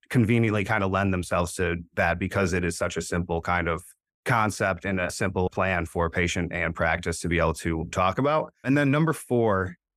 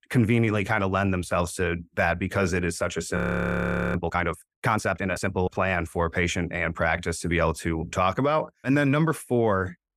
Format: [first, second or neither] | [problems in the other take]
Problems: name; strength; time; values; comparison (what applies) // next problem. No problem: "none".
first | audio freezing; at 3 s for 1 s